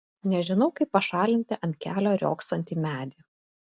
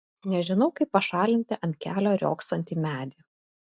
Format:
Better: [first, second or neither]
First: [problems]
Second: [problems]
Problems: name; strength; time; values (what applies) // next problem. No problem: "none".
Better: first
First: none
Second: noise reduction (neural mask model DeepFilterNet 3)